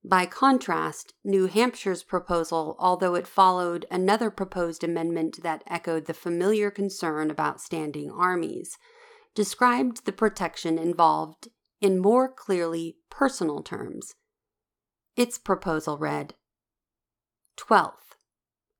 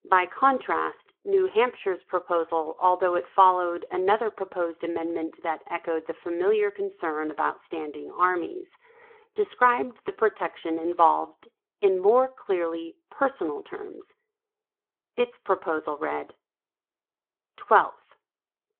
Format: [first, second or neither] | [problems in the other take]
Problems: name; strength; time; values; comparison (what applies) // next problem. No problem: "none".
first | phone-call audio